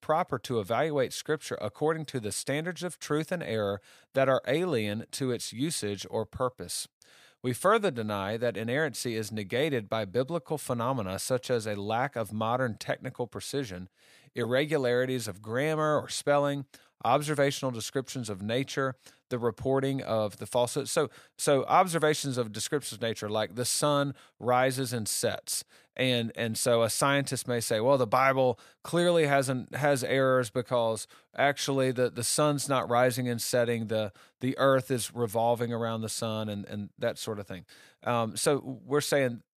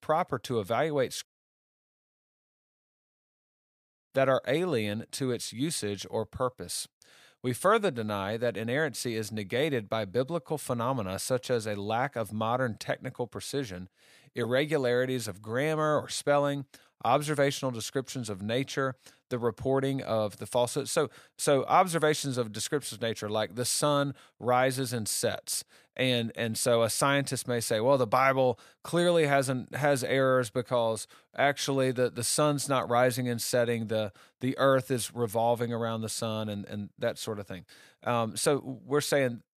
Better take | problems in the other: first | audio cutting out; at 1.5 s for 3 s

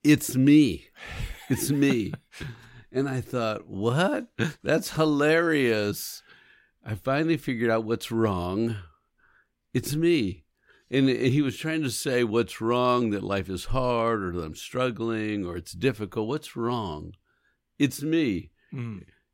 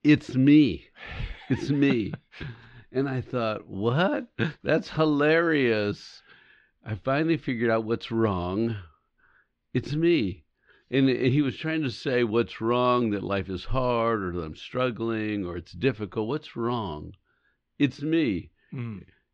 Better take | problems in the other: first | muffled; very slightly; fading above 4 kHz

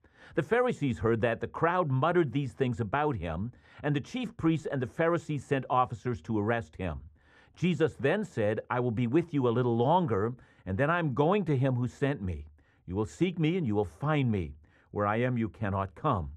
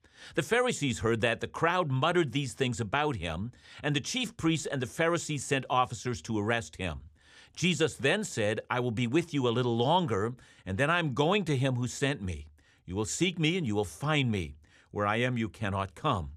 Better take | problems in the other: second | muffled; very; fading above 2.5 kHz

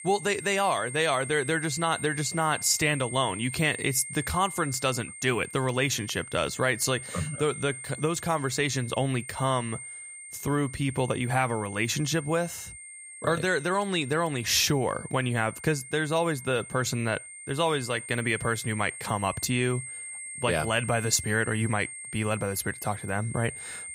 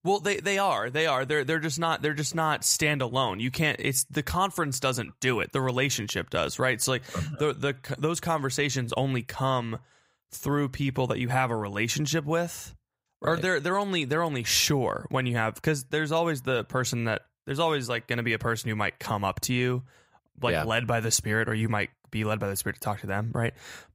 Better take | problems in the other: second | high-pitched whine; noticeable; throughout; 8.5 kHz, 10 dB below the speech

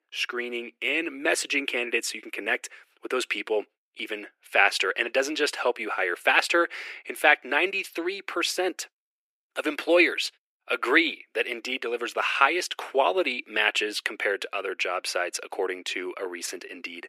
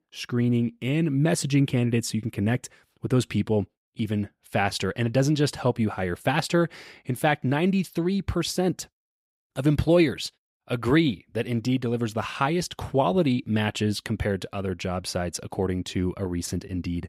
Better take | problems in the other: second | thin; very; fading below 350 Hz

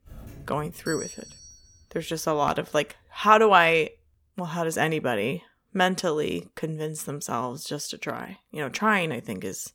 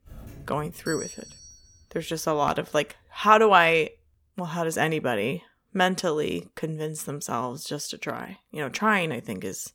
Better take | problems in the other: neither | doorbell; faint; until 3.5 s; peak 10 dB below the speech; the same in both

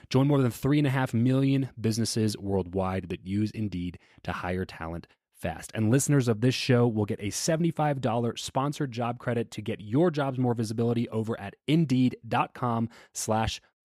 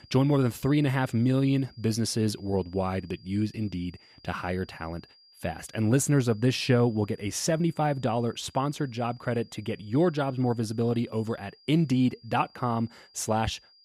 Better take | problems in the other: first | high-pitched whine; faint; throughout; 5 kHz, 30 dB below the speech

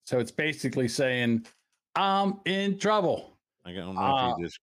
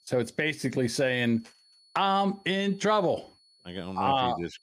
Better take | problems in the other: first | high-pitched whine; faint; throughout; 4.5 kHz, 30 dB below the speech

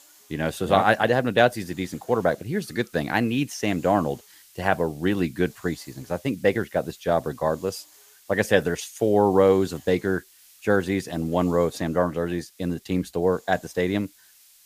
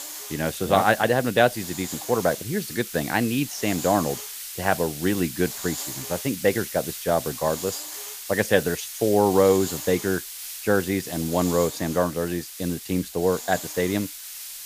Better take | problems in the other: first | hiss; loud; throughout; 9 dB below the speech; faint in the first

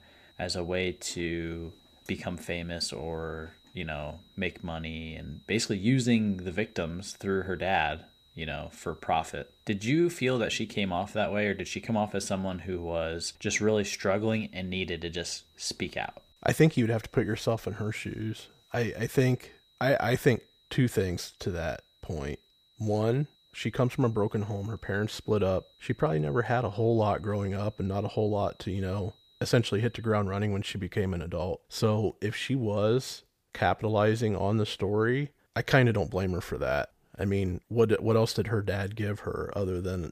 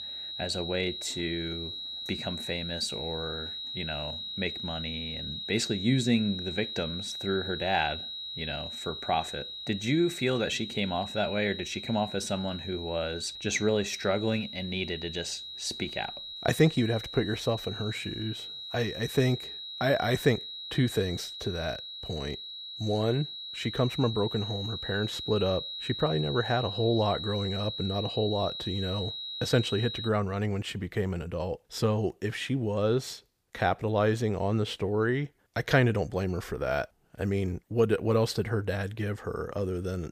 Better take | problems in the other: first | high-pitched whine; loud; until 30 s; 4 kHz, 6 dB below the speech; faint in the first

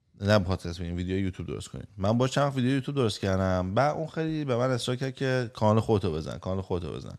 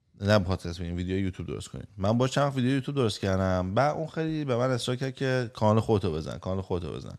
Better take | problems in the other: neither | none

